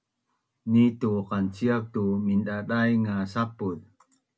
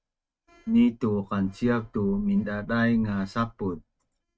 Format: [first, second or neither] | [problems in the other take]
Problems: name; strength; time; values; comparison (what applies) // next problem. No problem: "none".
first | noise reduction (neural mask model RNNoise)